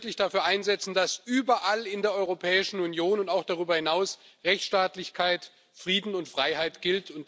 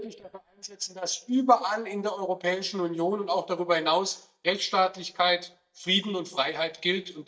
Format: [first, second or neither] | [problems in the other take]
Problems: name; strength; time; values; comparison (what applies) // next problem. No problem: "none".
first | noise reduction (neural mask model DeepFilterNet 3)